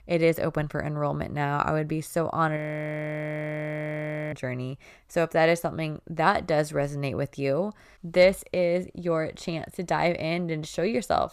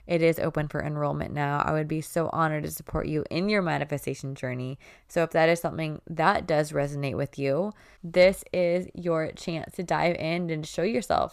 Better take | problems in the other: second | audio freezing; at 2.5 s for 2 s

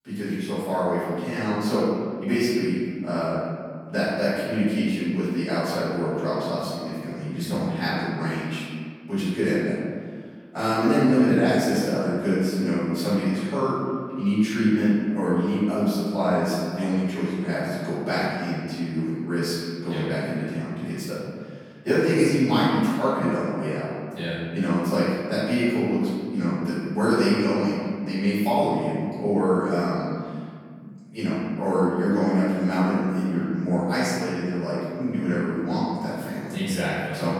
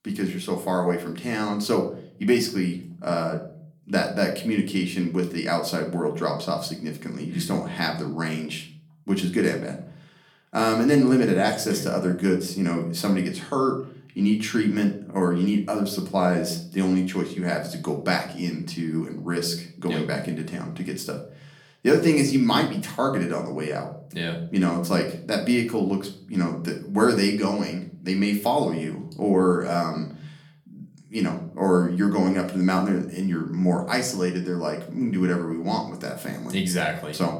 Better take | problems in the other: second | room echo; strong; dies away in 1.9 s; slight in the second // off-mic speech; far; somewhat distant in the second

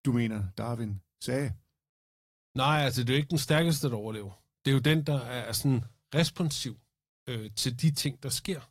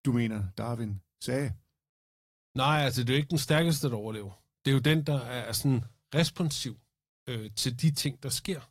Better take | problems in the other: neither | garbled, watery; slightly; nothing above 14 kHz; the same in both

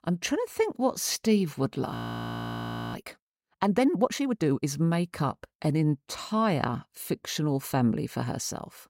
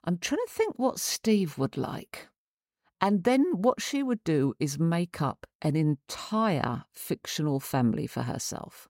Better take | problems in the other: second | audio freezing; at 2 s for 1 s

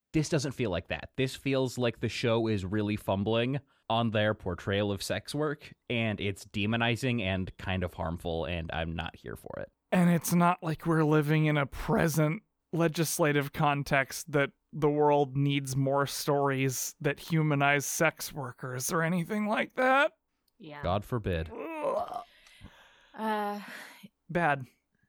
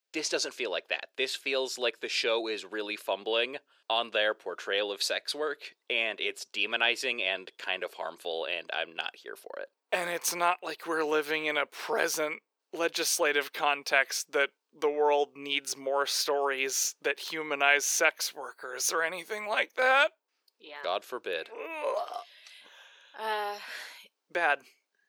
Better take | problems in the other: first | thin; very; fading below 400 Hz

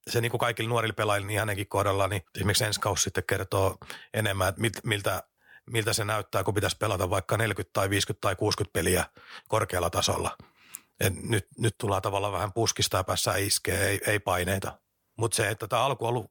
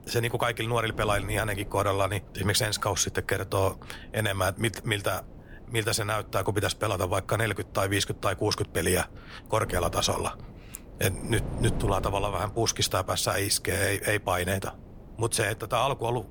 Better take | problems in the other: first | wind noise on the microphone; occasional gusts; 20 dB below the speech

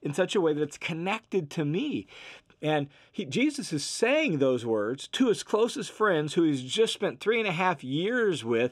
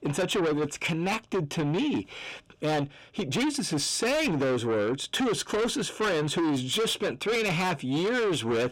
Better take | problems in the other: first | distortion; heavy; 6 dB below the speech

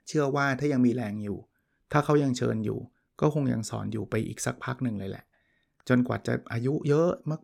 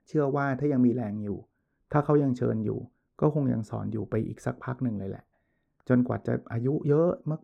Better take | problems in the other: first | muffled; very; fading above 2 kHz

